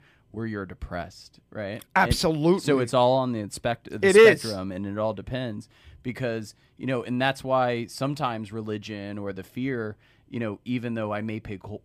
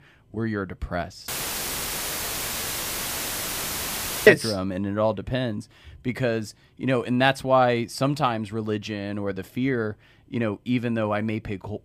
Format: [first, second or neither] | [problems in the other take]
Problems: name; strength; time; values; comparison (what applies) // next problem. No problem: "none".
first | audio cutting out; filled with static; at 1.5 s for 3 s